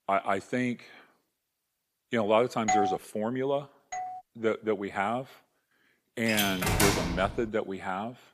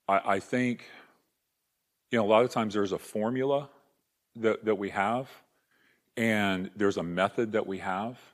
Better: second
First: doorbell; loud; at 2.5 s; peak 3 dB above the speech // doorbell; noticeable; at 4 s; peak 8 dB below the speech // door banging; loud; from 6.5 to 7.5 s; peak 5 dB above the speech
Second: none

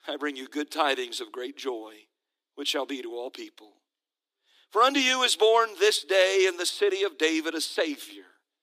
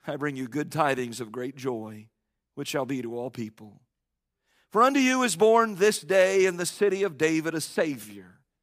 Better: second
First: thin; very slightly; fading below 300 Hz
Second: none

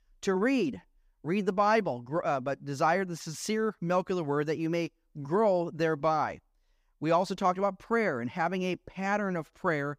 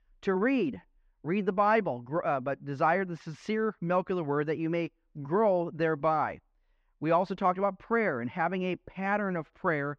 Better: first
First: none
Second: muffled; slightly; fading above 2.5 kHz

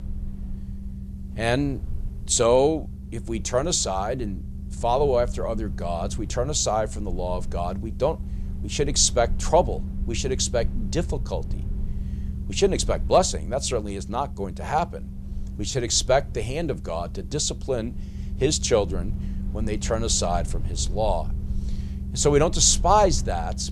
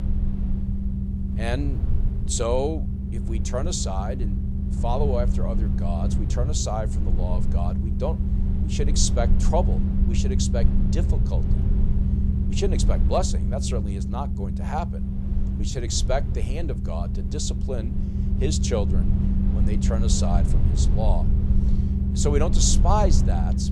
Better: first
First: low rumble; faint; throughout; 20 dB below the speech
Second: low rumble; loud; throughout; 7 dB below the speech

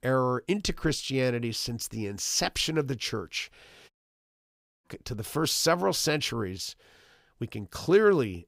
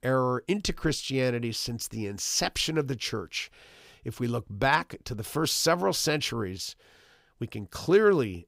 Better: second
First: audio cutting out; at 4 s for 1 s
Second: none

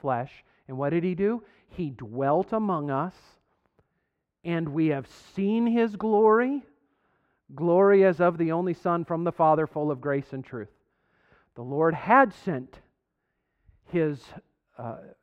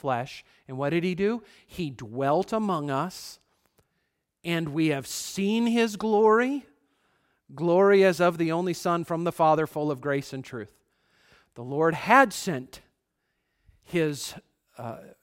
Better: second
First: muffled; very; fading above 3.5 kHz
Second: none

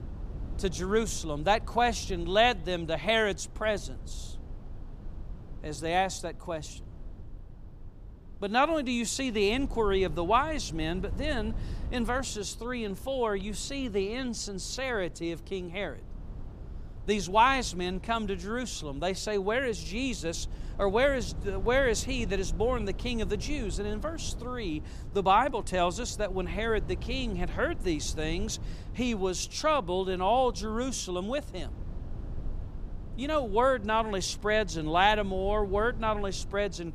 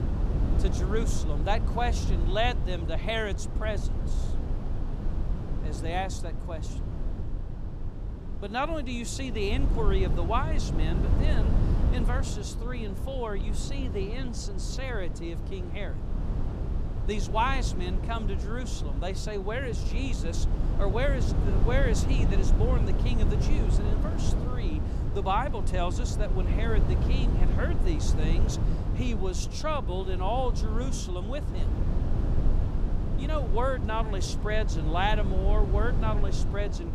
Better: first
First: low rumble; faint; throughout; 25 dB below the speech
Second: low rumble; loud; throughout; 8 dB below the speech

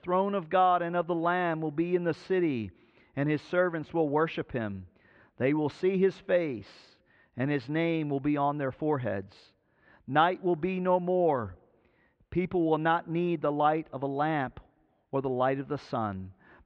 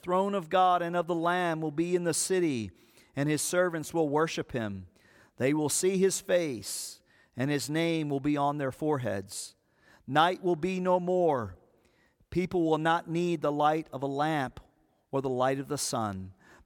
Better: second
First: muffled; very; fading above 3 kHz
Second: none

